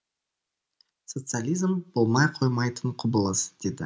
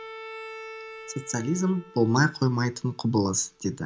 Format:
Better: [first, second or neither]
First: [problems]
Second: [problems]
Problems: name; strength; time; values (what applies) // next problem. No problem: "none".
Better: first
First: none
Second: background sound (Bowed string instrument); 17 dB below the speech